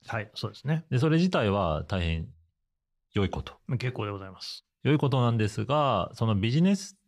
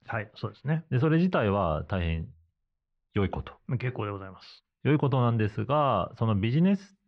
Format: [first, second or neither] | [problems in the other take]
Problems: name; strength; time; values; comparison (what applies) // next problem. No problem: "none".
first | muffled; slightly; fading above 2 kHz